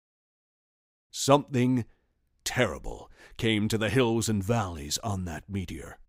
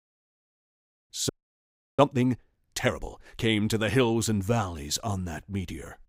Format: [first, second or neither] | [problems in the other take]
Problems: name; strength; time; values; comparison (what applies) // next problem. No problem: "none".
first | audio freezing; at 1.5 s for 0.5 s